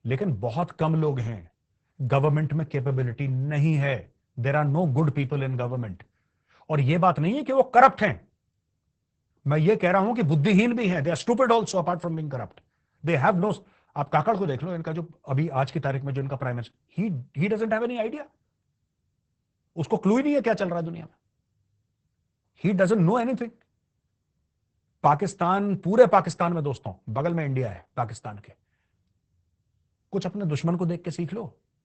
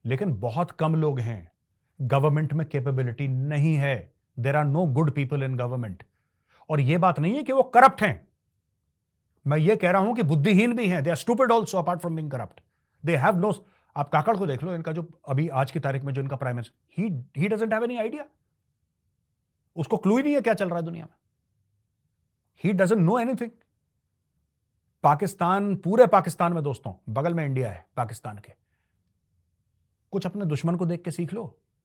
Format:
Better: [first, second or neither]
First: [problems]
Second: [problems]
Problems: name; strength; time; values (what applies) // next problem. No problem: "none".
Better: second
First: garbled, watery; badly; nothing above 8 kHz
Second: garbled, watery; slightly; nothing above 19 kHz